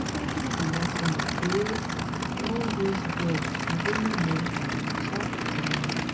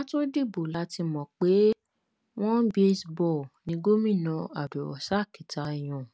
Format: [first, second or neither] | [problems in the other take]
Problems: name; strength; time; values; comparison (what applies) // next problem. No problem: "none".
second | background sound (Idling / Aircraft); 3 dB above the speech // room echo; dies away in 0.3 s